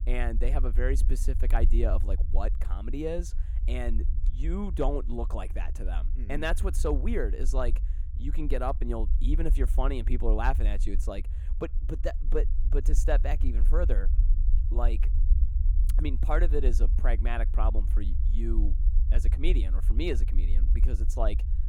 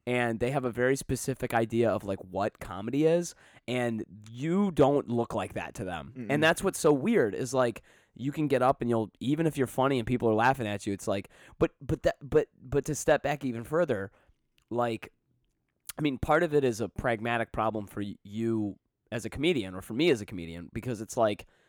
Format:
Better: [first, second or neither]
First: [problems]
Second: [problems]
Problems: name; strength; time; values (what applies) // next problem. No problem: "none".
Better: second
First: low rumble; noticeable; throughout; 15 dB below the speech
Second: none